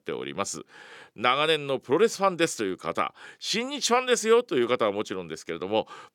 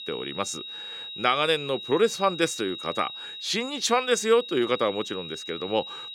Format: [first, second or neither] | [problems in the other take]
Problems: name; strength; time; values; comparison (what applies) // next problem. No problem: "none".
first | high-pitched whine; loud; throughout; 4 kHz, 10 dB below the speech